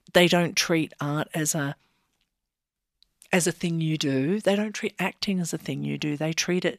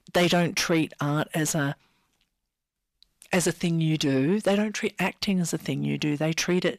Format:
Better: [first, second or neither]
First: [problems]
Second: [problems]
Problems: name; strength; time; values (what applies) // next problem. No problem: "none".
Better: first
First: none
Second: distortion; slight; 10 dB below the speech